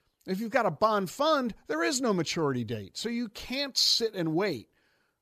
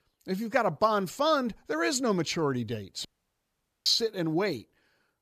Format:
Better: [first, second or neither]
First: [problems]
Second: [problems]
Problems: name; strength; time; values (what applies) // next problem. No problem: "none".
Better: first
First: none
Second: audio cutting out; at 3 s for 1 s